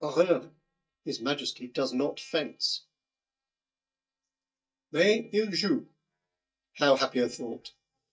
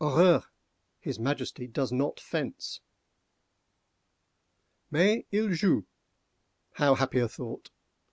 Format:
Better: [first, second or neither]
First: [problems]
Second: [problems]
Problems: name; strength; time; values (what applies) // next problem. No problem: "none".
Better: second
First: noise reduction (neural mask model DeepFilterNet 3)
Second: none